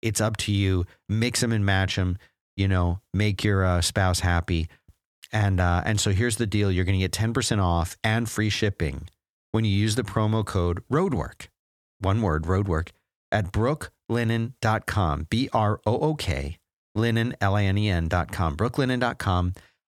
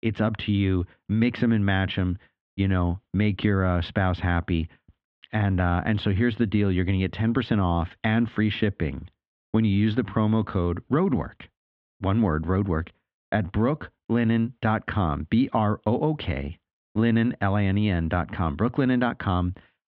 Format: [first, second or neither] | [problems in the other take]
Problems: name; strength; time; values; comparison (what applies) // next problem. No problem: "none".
first | muffled; very; fading above 3 kHz